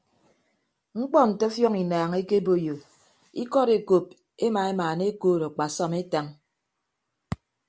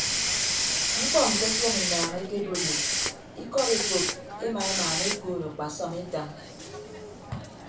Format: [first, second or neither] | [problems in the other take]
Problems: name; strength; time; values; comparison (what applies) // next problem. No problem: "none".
first | background sound (Hiss); 2 dB above the speech // room echo; dies away in 0.3 s